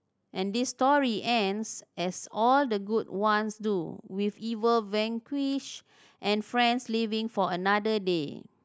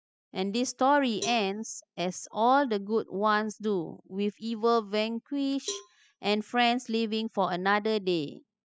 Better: first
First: none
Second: noise reduction (classical method spectral subtraction)

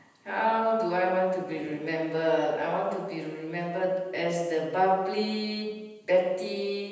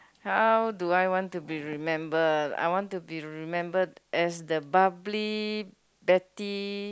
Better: second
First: room echo; dies away in 1.1 s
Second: none

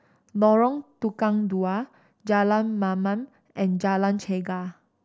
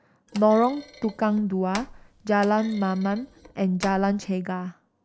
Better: first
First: none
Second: background sound (Thump, thud); 18 dB below the speech

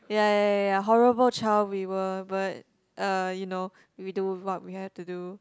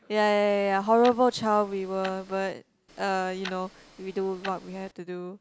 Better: first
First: none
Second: background sound (Tick-tock); 19 dB below the speech

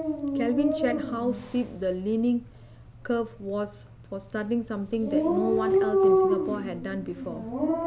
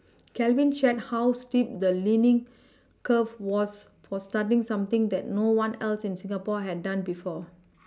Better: second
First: background sound (Dog); 2 dB above the speech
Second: none

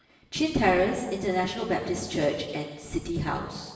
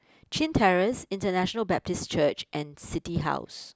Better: second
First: room echo; dies away in 1.2 s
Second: none

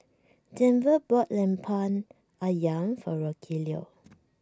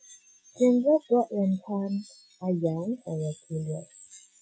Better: first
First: none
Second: noise reduction (classical method Wiener filter)

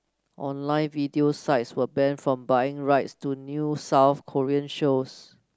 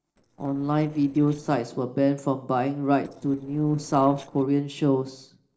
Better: first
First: none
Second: noise reduction (neural separator model SepFormer DNS4)

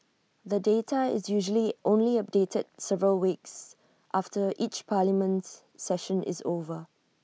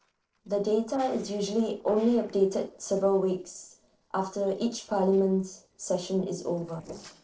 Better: first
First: none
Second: noise reduction (neural separator model SepFormer DNS4)

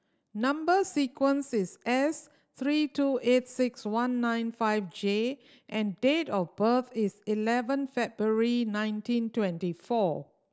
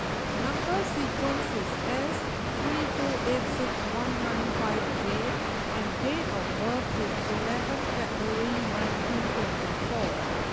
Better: first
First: none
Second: background sound (Water); 4 dB above the speech

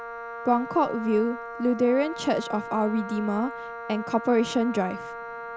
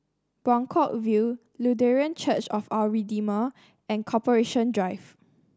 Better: second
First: background sound (Wind instrument, woodwind instrument); 10 dB below the speech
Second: none

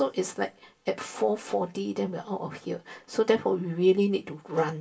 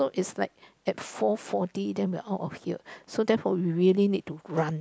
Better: second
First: room echo; dies away in 0.2 s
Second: none

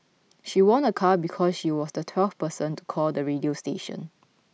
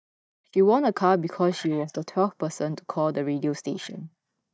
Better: first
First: none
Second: noise reduction (neural mask model DeepFilterNet 3)

